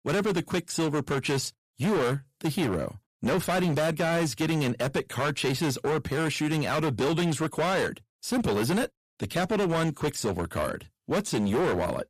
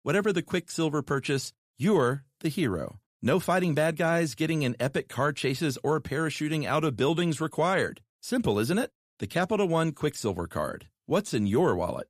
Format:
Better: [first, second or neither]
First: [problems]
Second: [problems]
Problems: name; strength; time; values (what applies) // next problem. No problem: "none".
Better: second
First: distortion; heavy; 21% of the sound clipped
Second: none